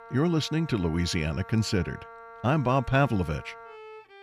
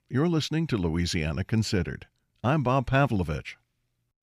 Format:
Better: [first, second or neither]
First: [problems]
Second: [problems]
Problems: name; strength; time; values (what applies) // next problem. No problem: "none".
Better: second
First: background music; noticeable; throughout; 20 dB below the speech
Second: none